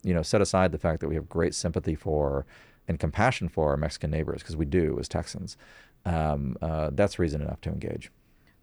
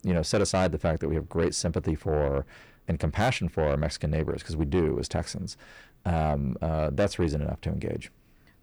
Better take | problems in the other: first | distortion; slight; 10 dB below the speech

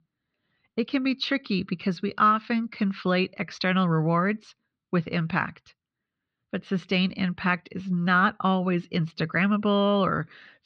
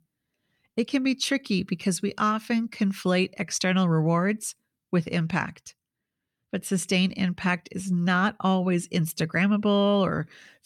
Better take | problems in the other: second | muffled; very slightly; fading above 4.5 kHz

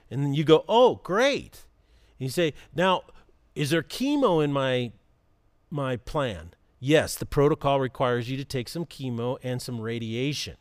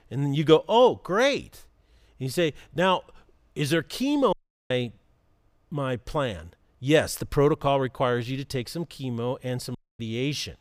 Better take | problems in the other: first | audio cutting out; at 4.5 s and at 10 s

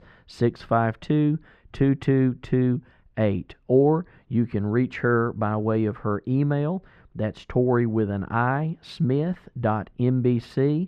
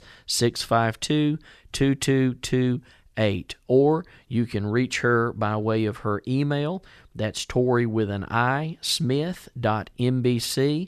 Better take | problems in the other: second | muffled; very; fading above 4 kHz

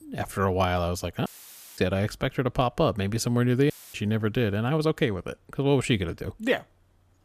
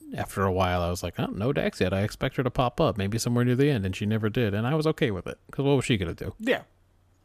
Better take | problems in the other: second | audio cutting out; filled with static; at 1.5 s for 0.5 s and at 3.5 s

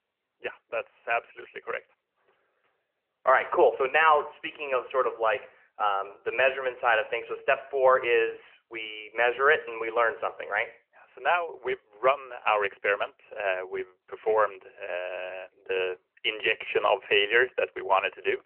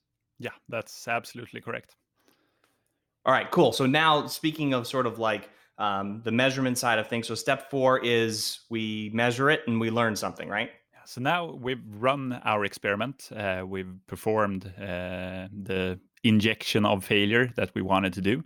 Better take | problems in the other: second | phone-call audio; nothing above 3 kHz

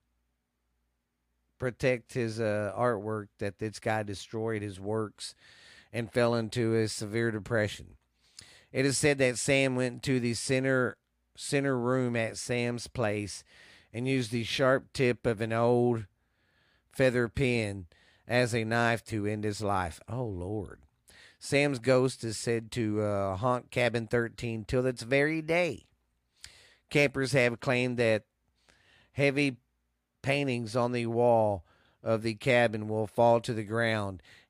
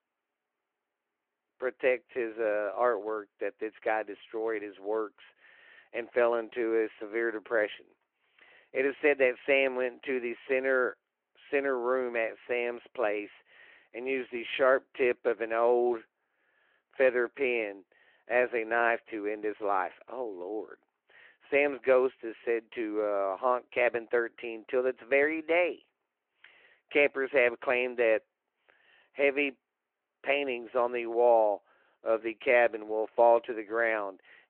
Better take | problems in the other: first | phone-call audio

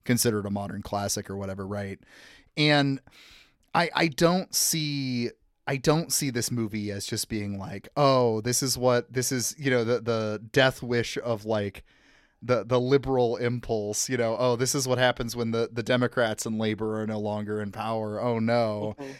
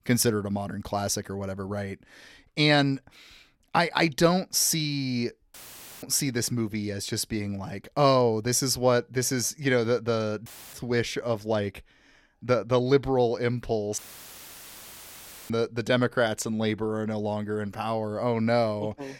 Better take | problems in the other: first | audio cutting out; filled with static; at 5.5 s, at 10 s and at 14 s for 1.5 s

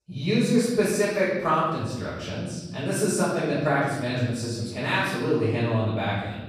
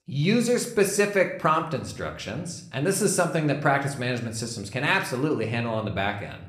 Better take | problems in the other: second | room echo; strong; dies away in 1.2 s; slight in the second // off-mic speech; far

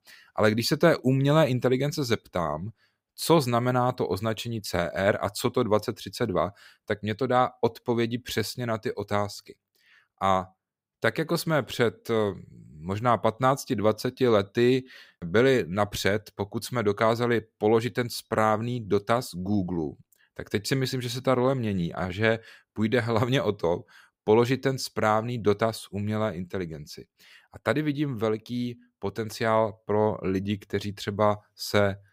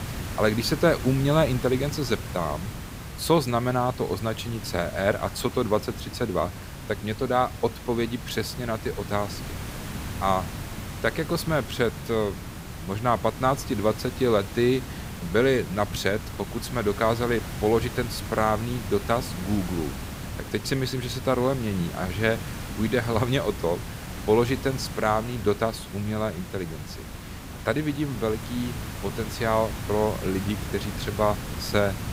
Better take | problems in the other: first | hiss; loud; throughout; 9 dB below the speech

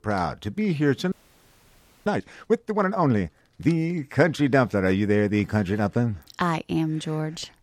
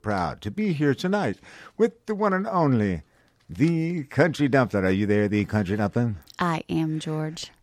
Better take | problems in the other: second | audio freezing; at 1 s for 1 s

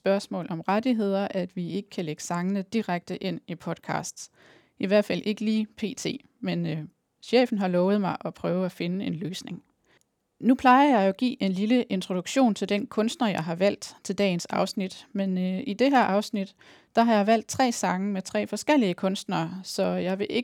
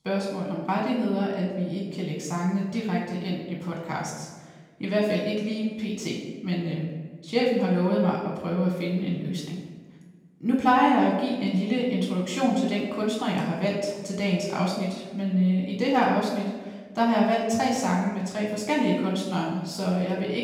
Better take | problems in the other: first | off-mic speech; far // room echo; noticeable; dies away in 1.1 s

